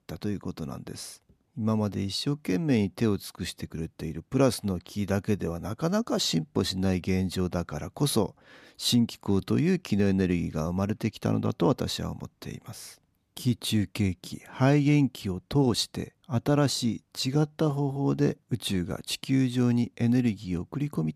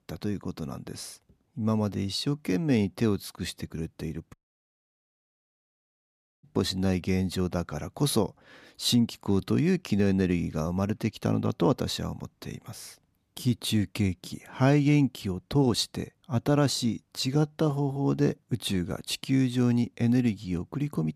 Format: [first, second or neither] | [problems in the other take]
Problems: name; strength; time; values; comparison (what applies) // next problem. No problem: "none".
first | audio cutting out; at 4.5 s for 2 s